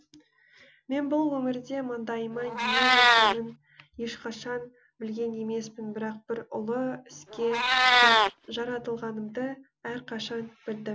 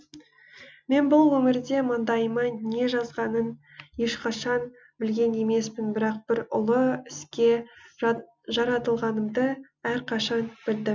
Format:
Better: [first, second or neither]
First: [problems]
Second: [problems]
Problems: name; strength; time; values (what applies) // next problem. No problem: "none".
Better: second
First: background sound (Meow); 4 dB above the speech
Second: none